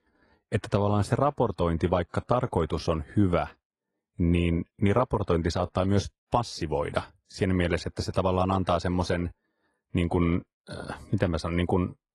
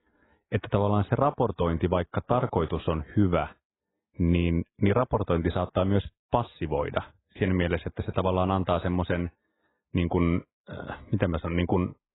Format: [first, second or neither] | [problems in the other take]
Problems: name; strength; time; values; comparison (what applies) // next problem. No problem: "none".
first | garbled, watery; badly; nothing above 4 kHz; slightly in the first